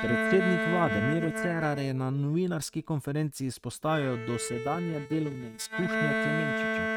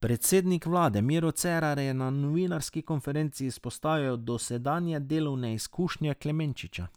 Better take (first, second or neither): second